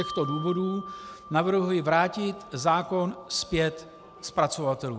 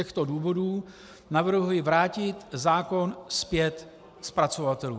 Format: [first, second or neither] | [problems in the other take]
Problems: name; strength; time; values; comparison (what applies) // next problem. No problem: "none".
second | background sound (Bell); 15 dB below the speech